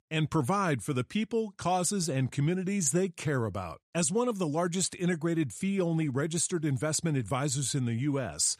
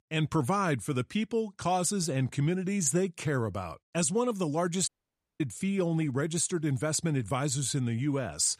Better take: first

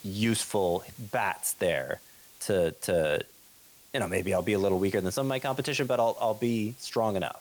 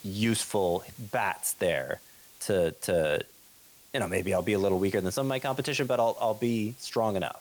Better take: neither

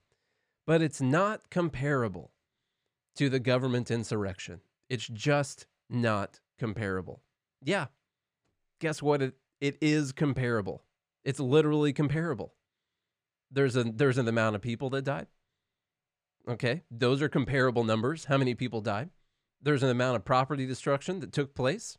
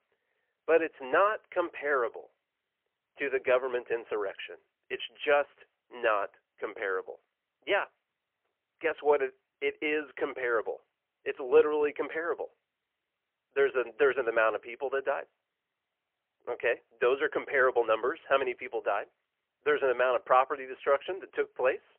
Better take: first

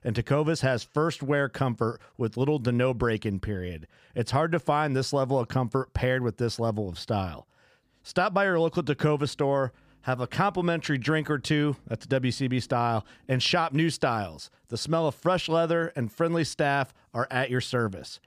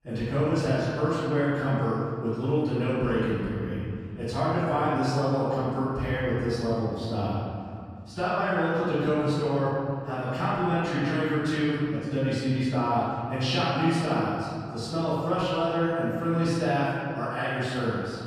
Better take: first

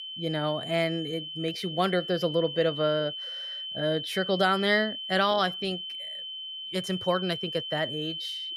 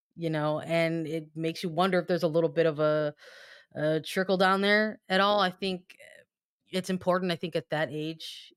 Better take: second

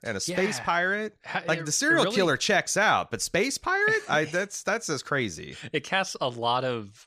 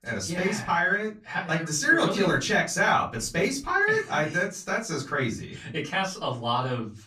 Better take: first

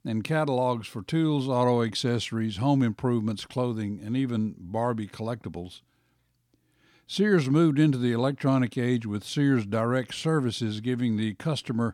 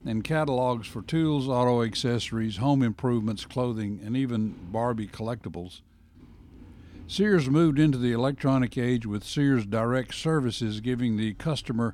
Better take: first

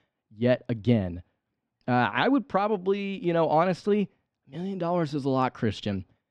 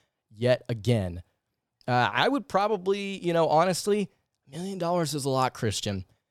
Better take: second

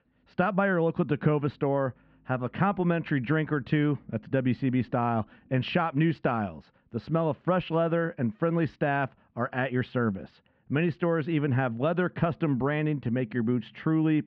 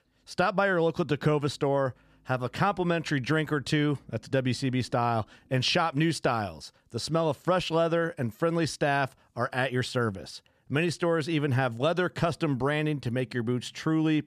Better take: second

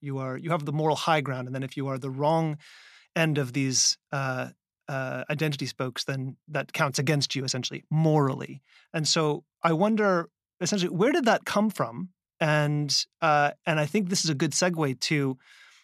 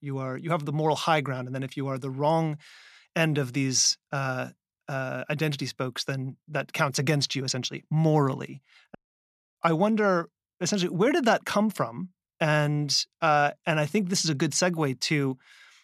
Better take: first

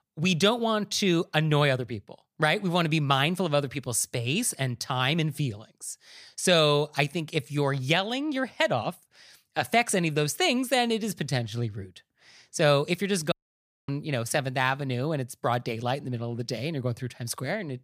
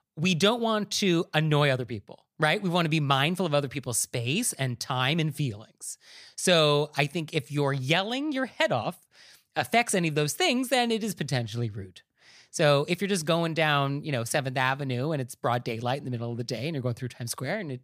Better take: second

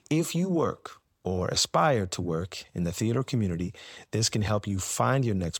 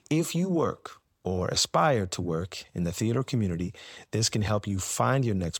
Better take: neither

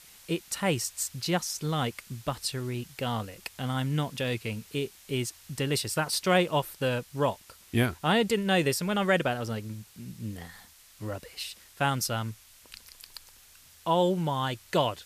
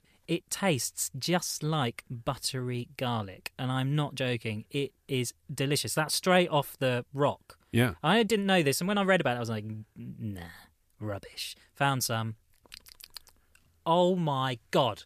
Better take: second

